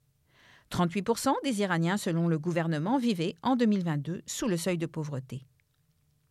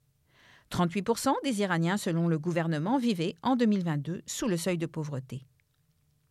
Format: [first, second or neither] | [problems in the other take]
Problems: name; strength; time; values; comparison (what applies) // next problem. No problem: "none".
neither | none